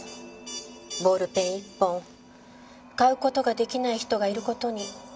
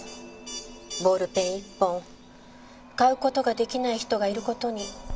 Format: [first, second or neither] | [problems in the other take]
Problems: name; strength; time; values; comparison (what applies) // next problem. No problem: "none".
first | background sound (Water); 19 dB below the speech